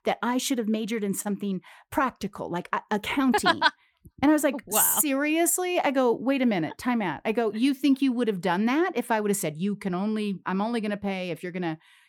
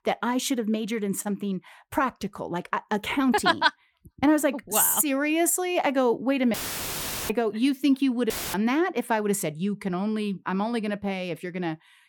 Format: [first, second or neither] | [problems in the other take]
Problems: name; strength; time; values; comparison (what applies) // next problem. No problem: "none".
first | audio cutting out; filled with static; at 6.5 s for 1 s and at 8.5 s